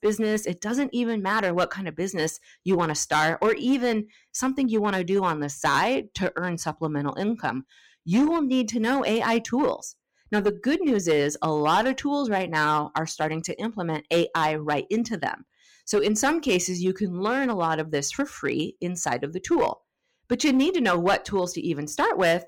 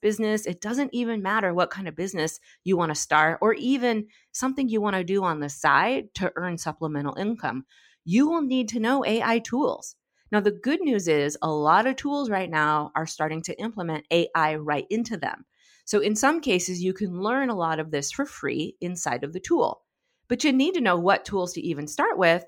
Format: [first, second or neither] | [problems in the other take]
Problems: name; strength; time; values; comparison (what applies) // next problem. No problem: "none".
second | distortion; slight; 4% of the sound clipped